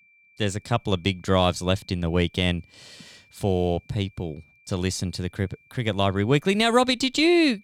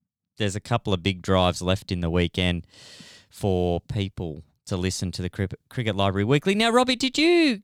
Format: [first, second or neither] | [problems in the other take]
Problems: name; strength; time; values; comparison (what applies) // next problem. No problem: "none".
second | high-pitched whine; faint; throughout; 2.5 kHz, 30 dB below the speech